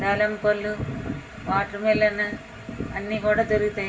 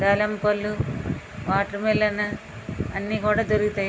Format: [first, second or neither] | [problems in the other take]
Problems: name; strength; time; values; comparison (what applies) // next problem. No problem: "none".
second | room echo; dies away in 0.4 s